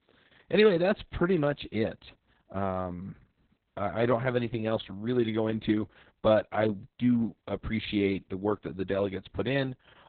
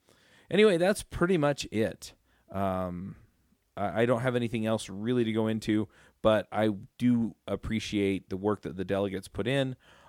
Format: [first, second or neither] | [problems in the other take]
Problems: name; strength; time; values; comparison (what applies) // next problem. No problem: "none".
second | garbled, watery; badly; nothing above 4 kHz